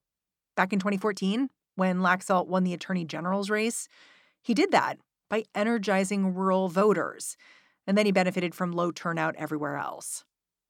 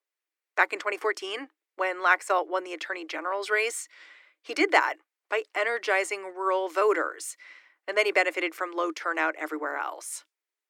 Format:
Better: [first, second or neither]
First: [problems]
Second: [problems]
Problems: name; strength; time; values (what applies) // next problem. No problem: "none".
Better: first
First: none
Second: thin; very; fading below 300 Hz